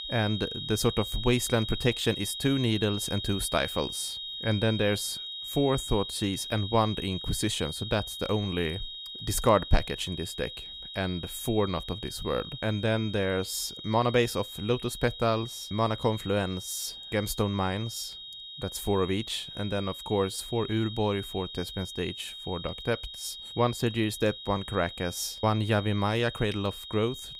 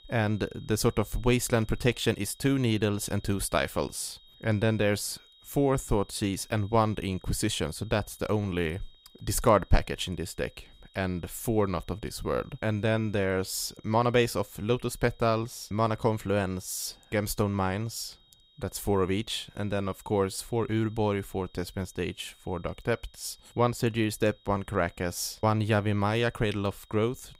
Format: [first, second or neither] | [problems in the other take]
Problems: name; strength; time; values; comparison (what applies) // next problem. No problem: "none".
second | high-pitched whine; loud; throughout; 4 kHz, 8 dB below the speech; faint in the second